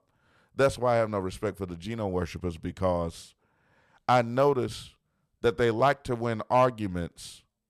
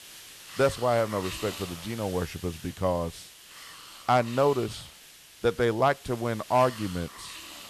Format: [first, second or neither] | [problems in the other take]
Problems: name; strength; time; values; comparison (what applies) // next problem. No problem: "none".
first | hiss; noticeable; throughout; 15 dB below the speech